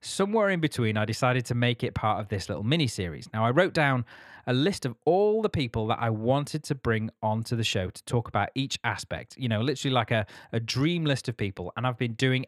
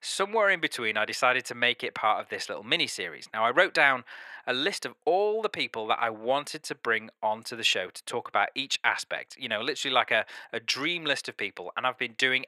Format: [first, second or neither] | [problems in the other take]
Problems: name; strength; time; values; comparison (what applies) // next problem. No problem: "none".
first | thin; very; fading below 500 Hz